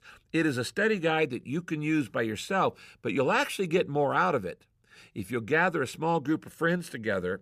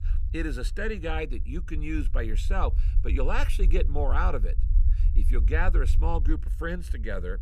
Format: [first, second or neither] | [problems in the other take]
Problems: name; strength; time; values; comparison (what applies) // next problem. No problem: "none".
first | low rumble; noticeable; throughout; 15 dB below the speech